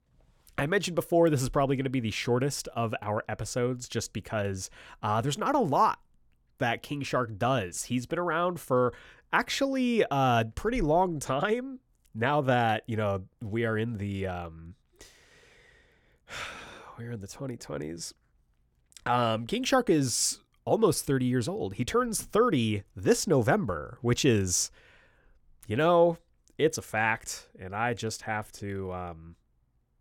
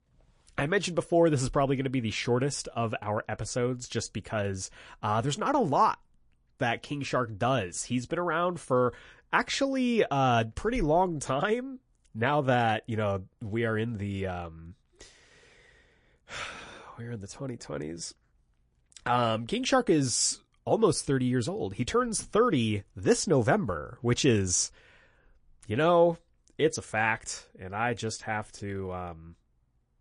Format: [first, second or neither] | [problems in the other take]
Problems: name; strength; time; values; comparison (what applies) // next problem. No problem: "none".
first | garbled, watery; slightly; nothing above 10.5 kHz